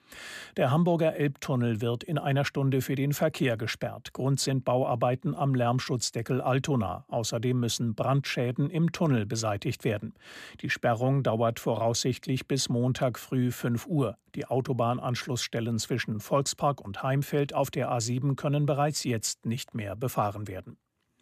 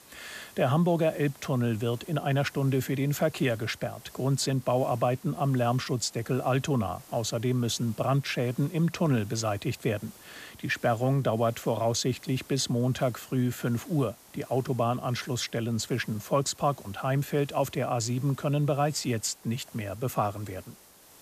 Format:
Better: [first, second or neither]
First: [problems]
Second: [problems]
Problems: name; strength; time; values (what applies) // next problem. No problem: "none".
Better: first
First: none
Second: hiss; faint; throughout; 20 dB below the speech